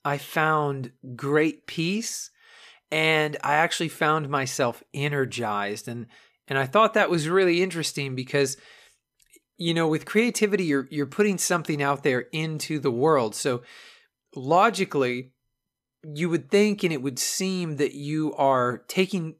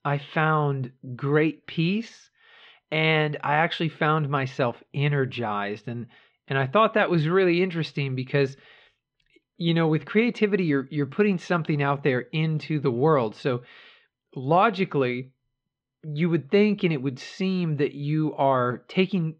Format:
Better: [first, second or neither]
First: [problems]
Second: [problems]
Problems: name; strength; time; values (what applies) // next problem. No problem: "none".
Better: first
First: none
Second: muffled; slightly; fading above 3.5 kHz